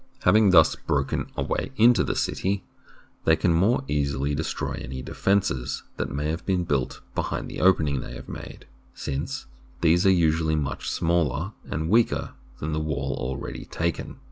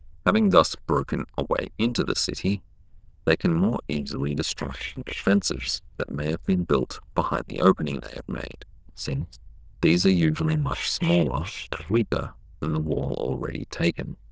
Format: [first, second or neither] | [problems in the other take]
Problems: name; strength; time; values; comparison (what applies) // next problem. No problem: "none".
first | noise reduction (neural diffusion model UNIVERSE++)